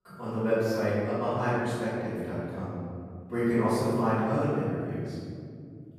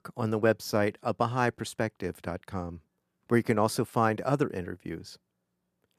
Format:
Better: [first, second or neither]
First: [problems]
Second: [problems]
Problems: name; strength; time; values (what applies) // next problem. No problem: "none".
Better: second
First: off-mic speech; far // room echo; strong; dies away in 2.9 s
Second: none